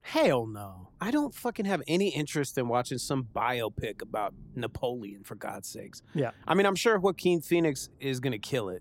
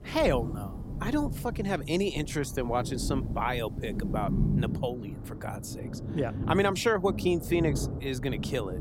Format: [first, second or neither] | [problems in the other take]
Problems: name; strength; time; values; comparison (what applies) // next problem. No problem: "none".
first | rain or running water; loud; throughout; 4 dB below the speech; faint in the first